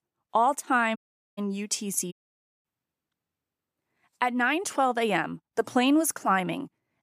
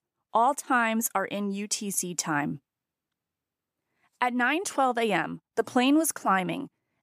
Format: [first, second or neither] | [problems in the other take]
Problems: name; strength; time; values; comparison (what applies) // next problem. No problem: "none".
second | audio cutting out; at 1 s and at 2 s for 0.5 s